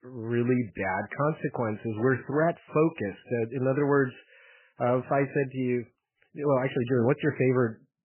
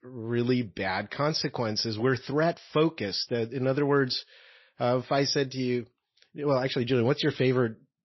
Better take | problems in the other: second | garbled, watery; badly; nothing above 3 kHz; slightly in the second

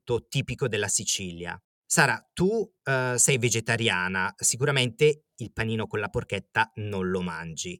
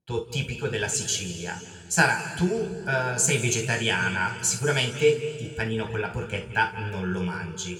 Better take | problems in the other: first | room echo; noticeable; dies away in 2 s // off-mic speech; somewhat distant

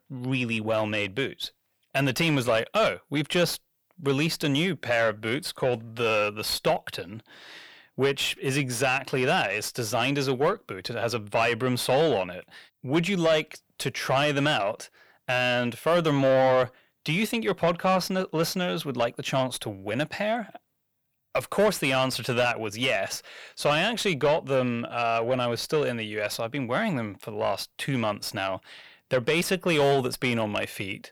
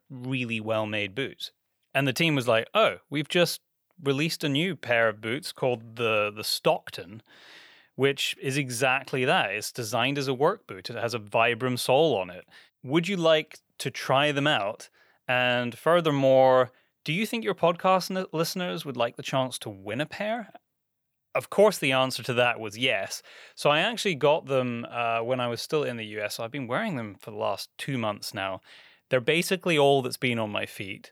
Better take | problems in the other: second | distortion; slight; 10 dB below the speech

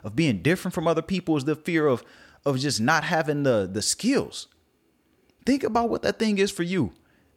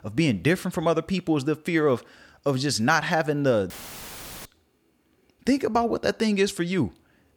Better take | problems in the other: first | audio cutting out; filled with static; at 3.5 s for 1 s

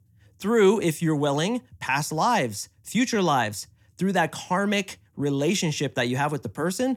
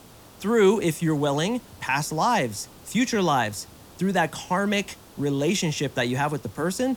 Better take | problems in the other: first | hiss; faint; throughout; 25 dB below the speech

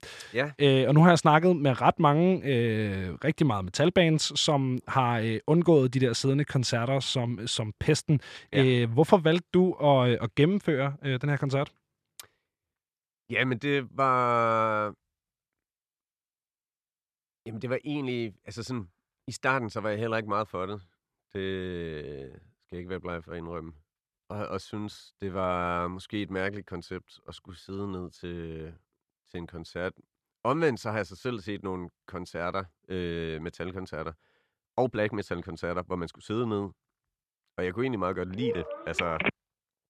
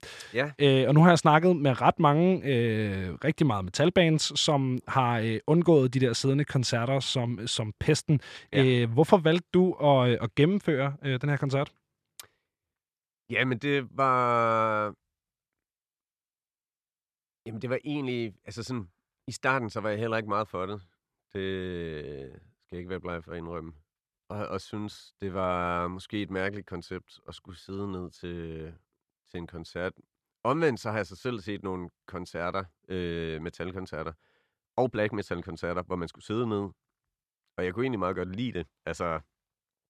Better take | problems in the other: second | phone ringing; noticeable; at 38 s; peak 2 dB below the speech

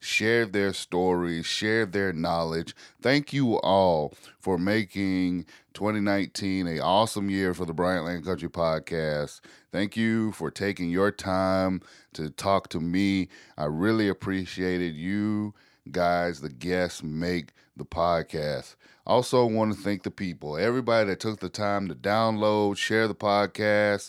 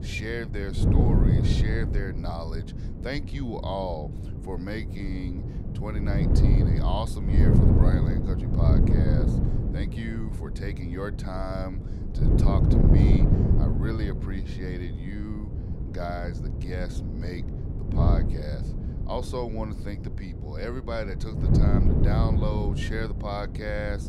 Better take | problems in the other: first | wind noise on the microphone; heavy; 1 dB below the speech

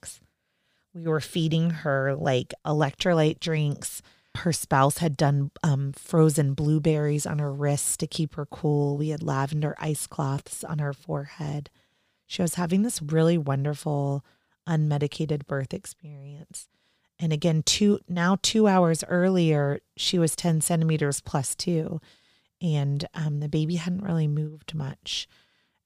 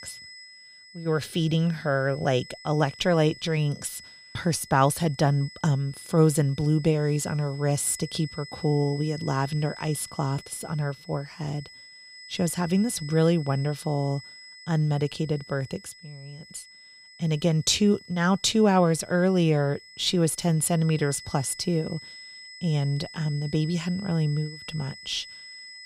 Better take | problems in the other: first | high-pitched whine; noticeable; throughout; 2 kHz, 20 dB below the speech

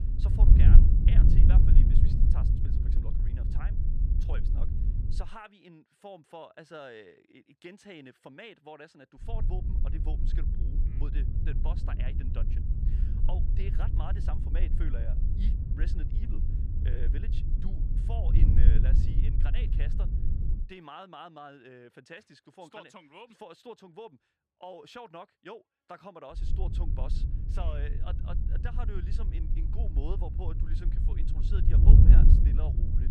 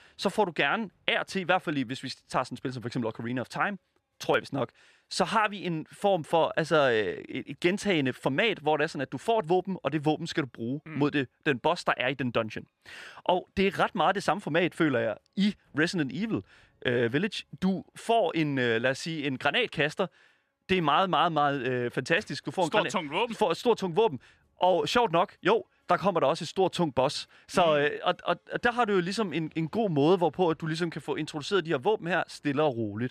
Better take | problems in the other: second | wind noise on the microphone; heavy; until 5 s, from 9.5 to 21 s and from 26 s on; 1 dB above the speech

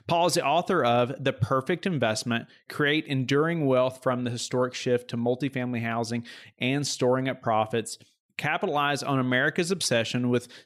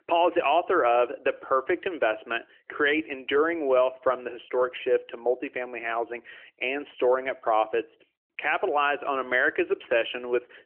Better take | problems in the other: first | phone-call audio; nothing above 3 kHz

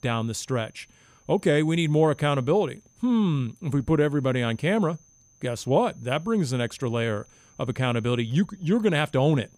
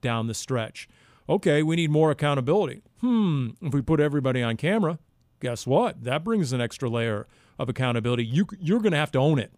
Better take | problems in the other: second | high-pitched whine; faint; throughout; 6 kHz, 30 dB below the speech

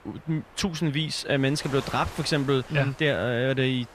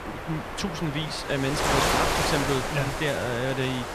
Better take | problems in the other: first | wind noise on the microphone; heavy; 3 dB above the speech; occasional gusts in the first

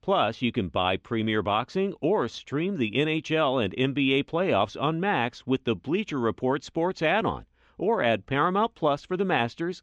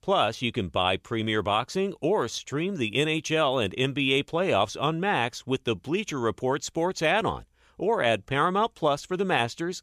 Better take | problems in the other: second | muffled; slightly; fading above 3.5 kHz

